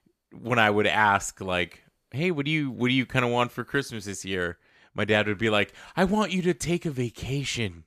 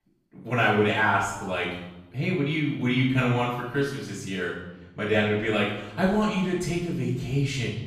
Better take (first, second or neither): first